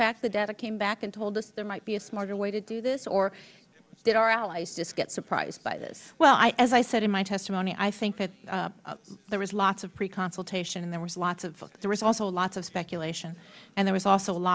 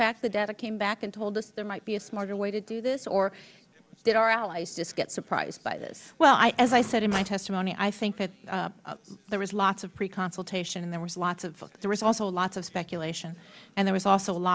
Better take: first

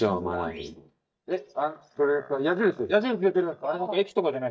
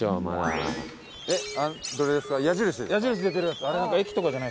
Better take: second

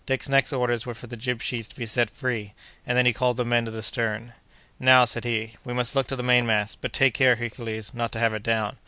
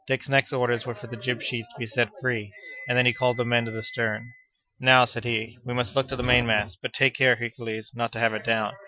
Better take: first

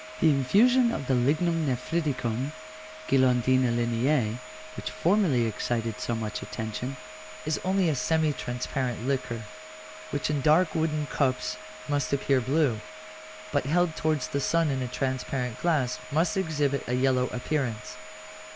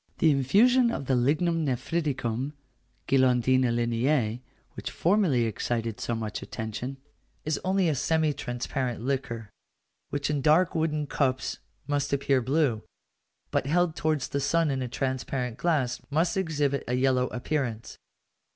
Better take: second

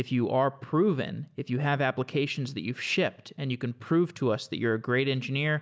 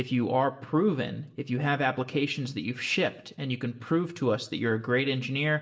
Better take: first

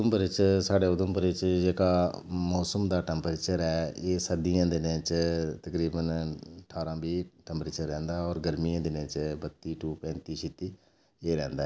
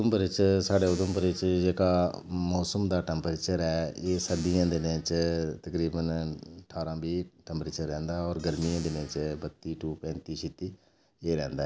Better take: first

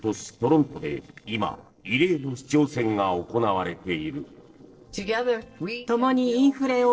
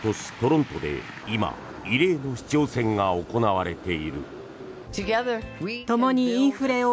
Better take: second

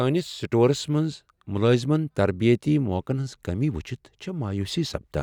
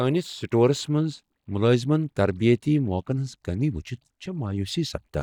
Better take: first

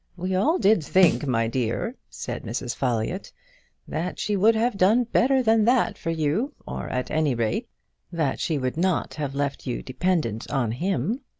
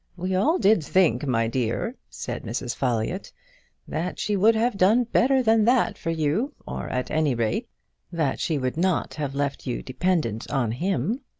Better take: second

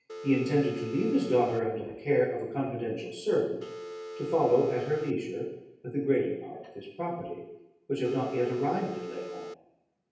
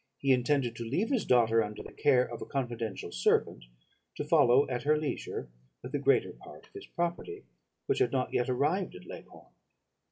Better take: second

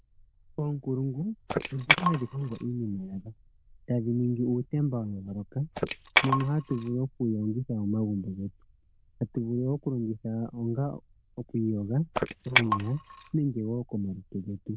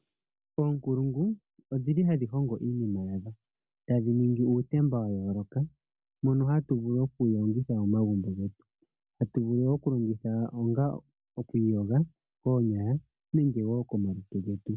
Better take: second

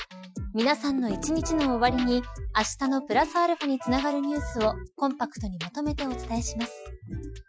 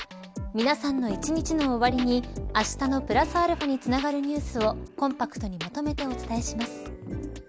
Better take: second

